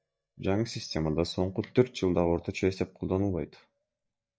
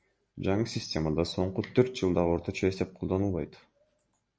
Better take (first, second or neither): second